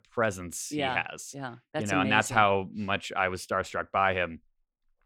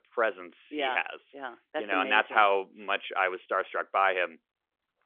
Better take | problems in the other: first | phone-call audio; nothing above 3.5 kHz

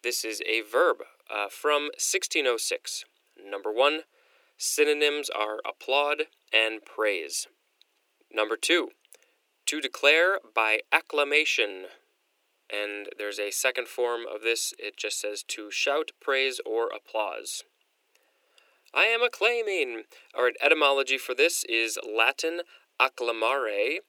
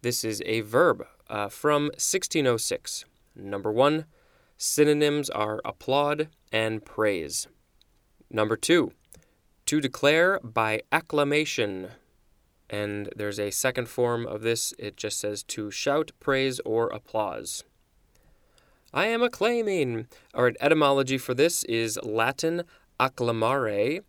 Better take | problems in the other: second | thin; somewhat; fading below 350 Hz

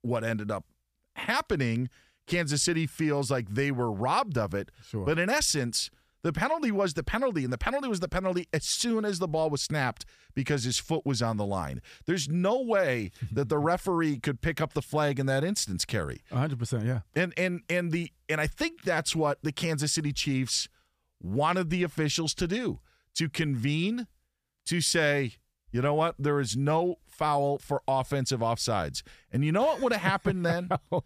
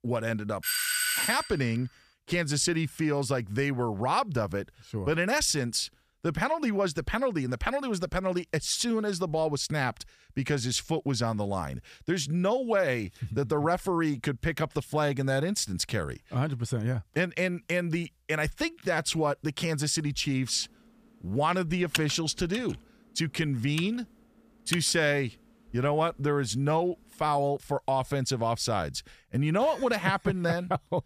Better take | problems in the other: first | doorbell; loud; at 0.5 s; peak 4 dB above the speech // keyboard typing; noticeable; from 22 to 25 s; peak 3 dB below the speech

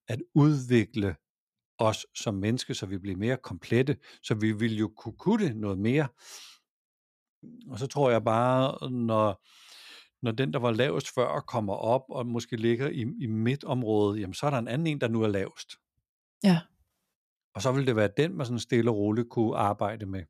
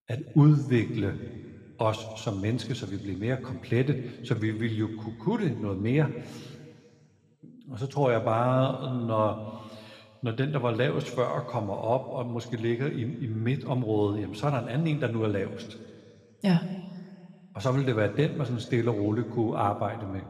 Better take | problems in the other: first | room echo; slight; dies away in 2.1 s

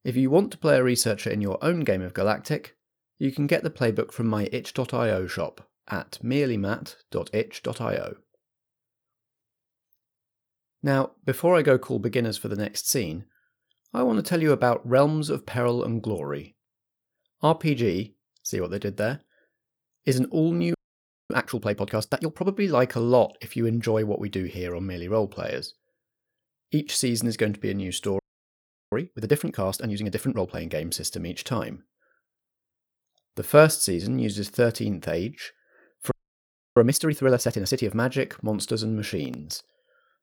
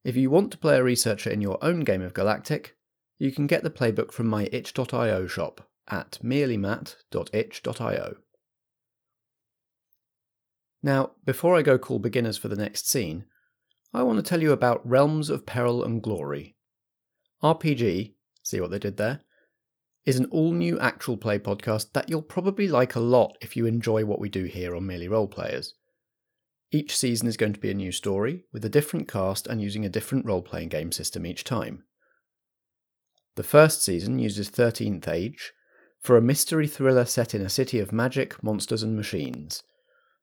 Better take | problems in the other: second | audio freezing; at 21 s for 0.5 s, at 28 s for 0.5 s and at 36 s for 0.5 s

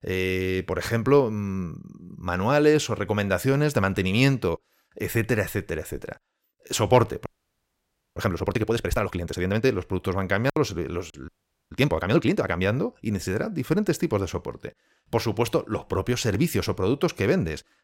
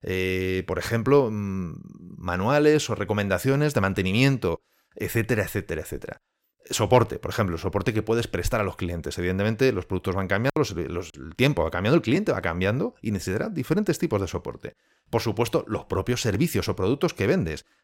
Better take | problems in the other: second | audio freezing; at 7.5 s for 1 s and at 11 s

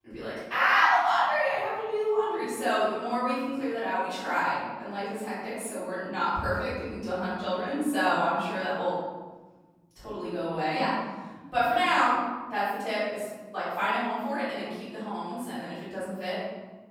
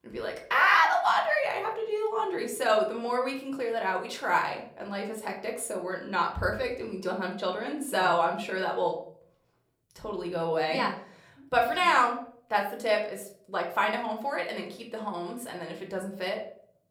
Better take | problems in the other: second | room echo; strong; dies away in 1.3 s; slight in the second // off-mic speech; far; somewhat distant in the second

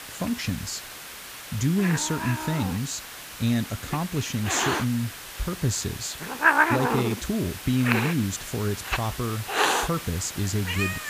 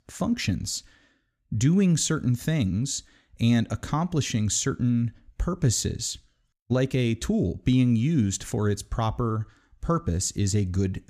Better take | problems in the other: second | hiss; loud; throughout; 1 dB below the speech

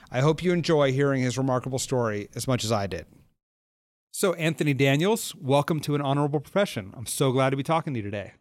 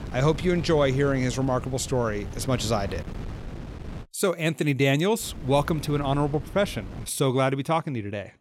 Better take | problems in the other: first | wind noise on the microphone; occasional gusts; until 4 s and from 5 to 7 s; 20 dB below the speech

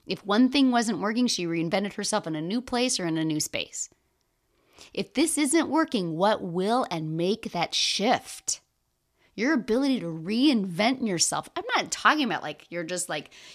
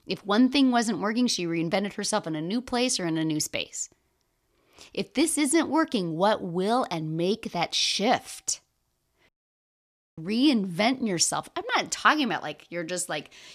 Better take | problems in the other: first | audio cutting out; at 9.5 s for 1 s

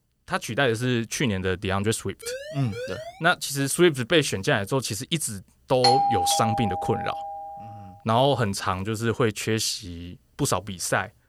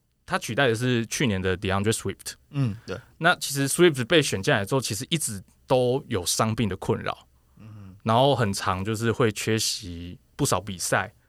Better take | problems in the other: second | siren; faint; at 2 s; peak 10 dB below the speech // doorbell; loud; from 6 to 7.5 s; peak 5 dB above the speech

